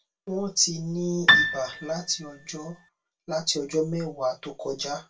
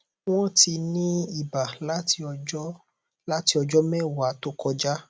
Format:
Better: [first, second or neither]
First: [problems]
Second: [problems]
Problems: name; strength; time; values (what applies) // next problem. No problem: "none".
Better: second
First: background sound (Piano); 5 dB above the speech // room echo; dies away in 0.2 s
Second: none